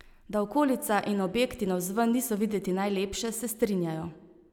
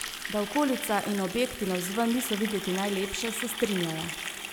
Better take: first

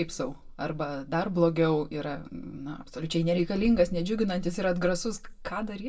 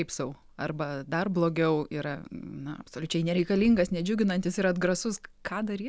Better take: second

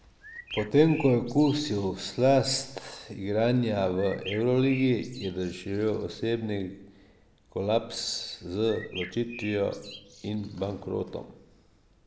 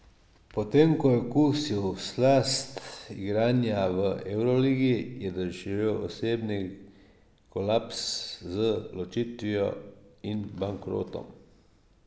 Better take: second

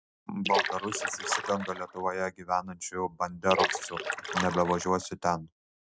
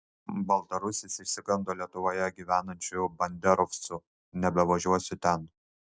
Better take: second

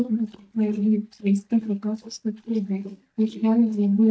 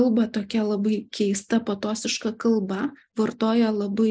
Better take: second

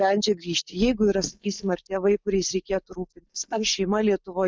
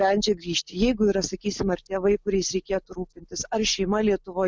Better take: second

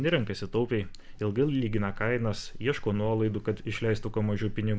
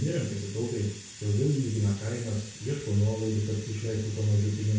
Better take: first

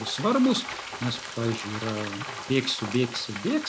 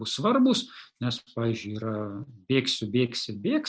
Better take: second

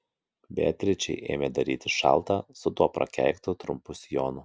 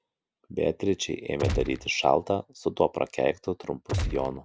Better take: first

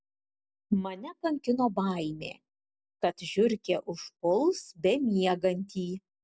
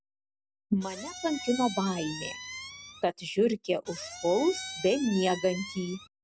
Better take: first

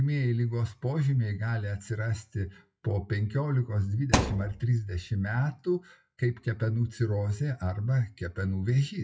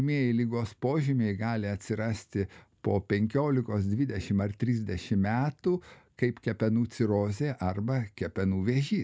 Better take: second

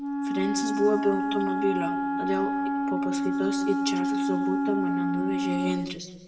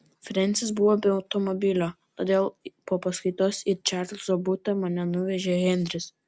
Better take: second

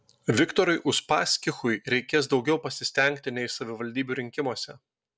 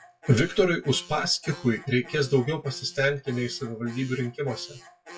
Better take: first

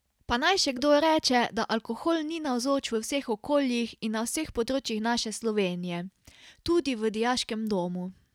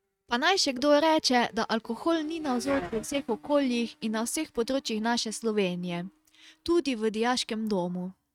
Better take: first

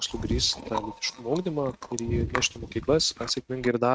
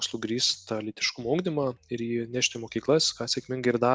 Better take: second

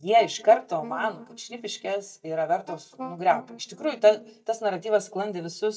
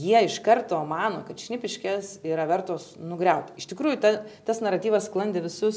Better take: second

